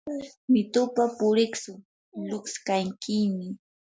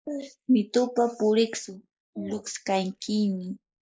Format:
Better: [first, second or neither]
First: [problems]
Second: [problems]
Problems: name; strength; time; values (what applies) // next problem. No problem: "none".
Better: first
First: none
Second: noise reduction (neural mask model Resemble Enhance denoiser)